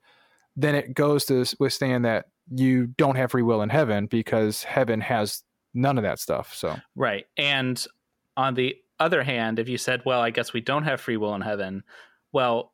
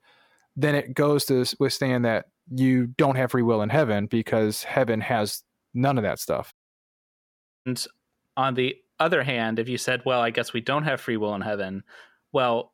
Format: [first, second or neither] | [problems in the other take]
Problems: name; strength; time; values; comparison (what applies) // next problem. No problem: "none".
first | audio cutting out; at 6.5 s for 1 s